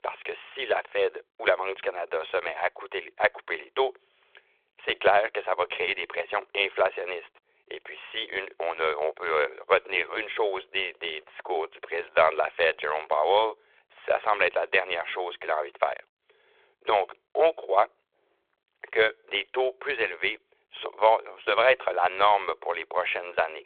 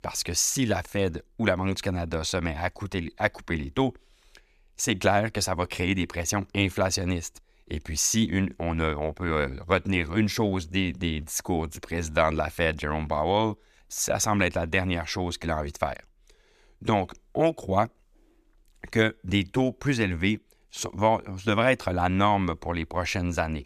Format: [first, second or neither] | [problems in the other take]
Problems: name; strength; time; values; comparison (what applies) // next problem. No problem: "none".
second | phone-call audio; nothing above 3.5 kHz